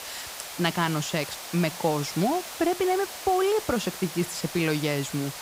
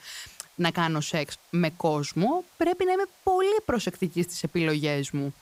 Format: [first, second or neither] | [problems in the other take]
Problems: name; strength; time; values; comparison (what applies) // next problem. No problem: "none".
second | hiss; loud; throughout; 9 dB below the speech; faint in the second